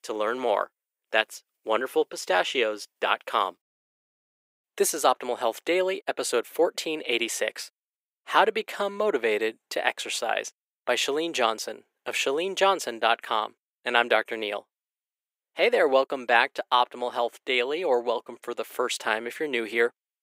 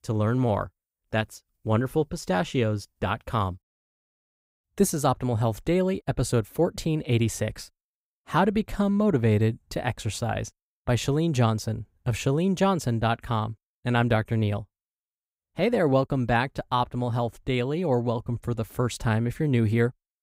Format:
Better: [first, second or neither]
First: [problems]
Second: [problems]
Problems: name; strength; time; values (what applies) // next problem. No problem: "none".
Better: second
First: thin; very; fading below 400 Hz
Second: none